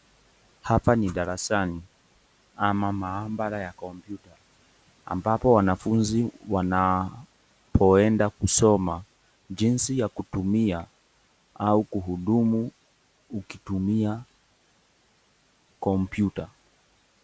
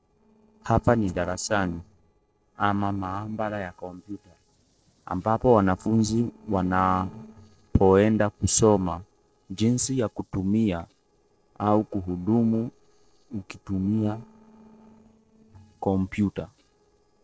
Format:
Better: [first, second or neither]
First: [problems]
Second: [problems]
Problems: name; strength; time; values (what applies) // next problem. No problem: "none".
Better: first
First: none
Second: noise reduction (neural separator model SepFormer DNS4)